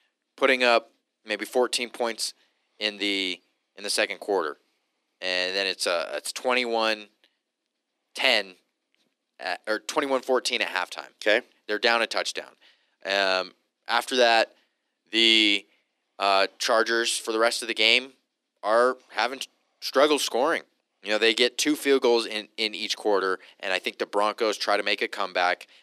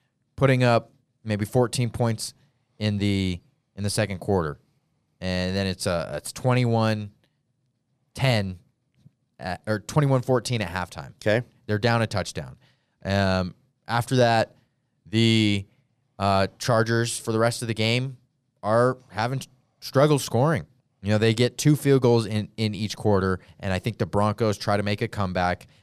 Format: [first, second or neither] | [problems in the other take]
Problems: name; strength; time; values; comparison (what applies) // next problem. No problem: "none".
second | thin; somewhat; fading below 300 Hz